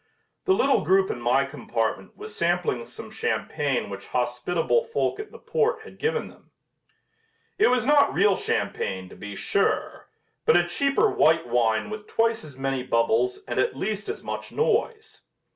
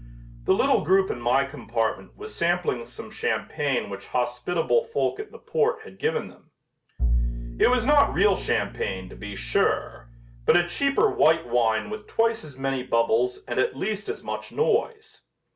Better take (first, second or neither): first